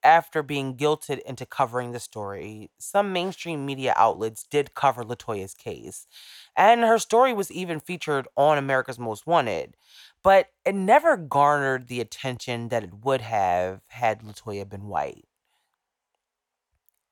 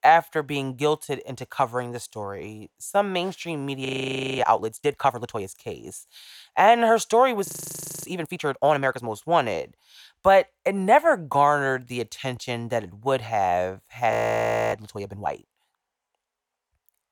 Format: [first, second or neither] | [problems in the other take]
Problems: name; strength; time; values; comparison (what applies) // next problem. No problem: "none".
first | audio freezing; at 4 s for 0.5 s, at 7.5 s for 0.5 s and at 14 s for 0.5 s